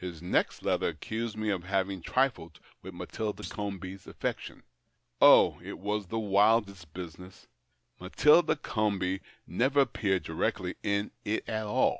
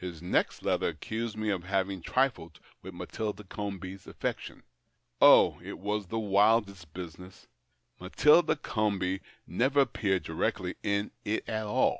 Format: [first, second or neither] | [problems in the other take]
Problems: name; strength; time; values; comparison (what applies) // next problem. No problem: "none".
second | background sound (Thump, thud); 20 dB below the speech